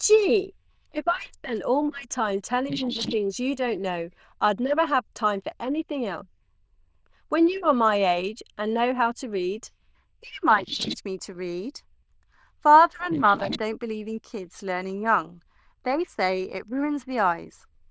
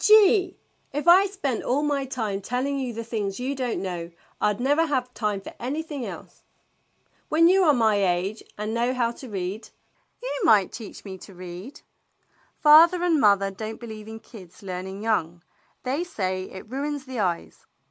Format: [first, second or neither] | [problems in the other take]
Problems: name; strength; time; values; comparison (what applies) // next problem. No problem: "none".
second | noise reduction (neural diffusion model UNIVERSE++)